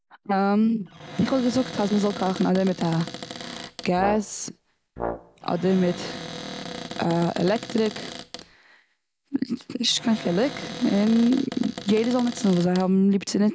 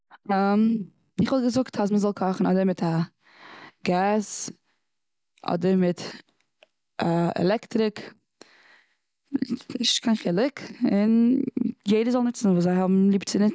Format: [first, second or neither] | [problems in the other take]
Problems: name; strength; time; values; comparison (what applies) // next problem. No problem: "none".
second | background sound (Brass instrument + Cupboard open or close); 12 dB below the speech